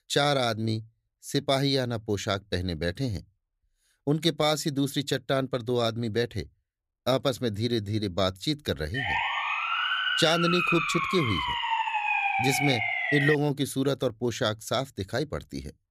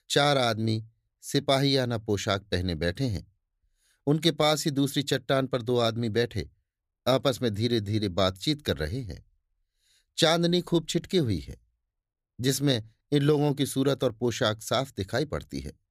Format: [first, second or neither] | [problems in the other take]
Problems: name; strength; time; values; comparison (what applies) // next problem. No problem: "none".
second | siren; loud; from 9 to 13 s; peak 3 dB above the speech